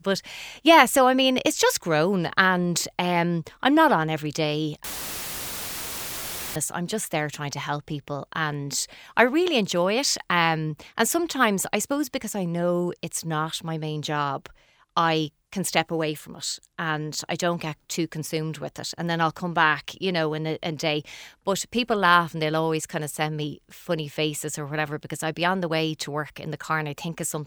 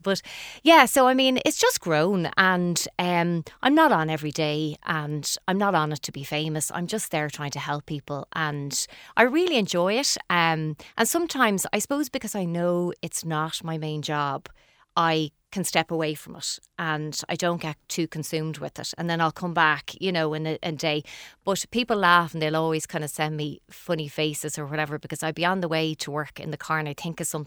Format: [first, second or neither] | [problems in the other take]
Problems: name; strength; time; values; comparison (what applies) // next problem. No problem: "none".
second | audio cutting out; filled with static; at 5 s for 1.5 s